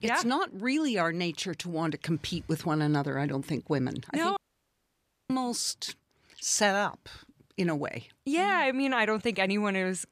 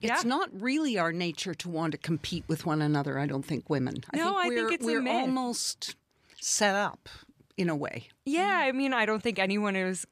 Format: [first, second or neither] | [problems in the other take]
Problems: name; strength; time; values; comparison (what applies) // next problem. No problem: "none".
second | audio cutting out; at 4.5 s for 1 s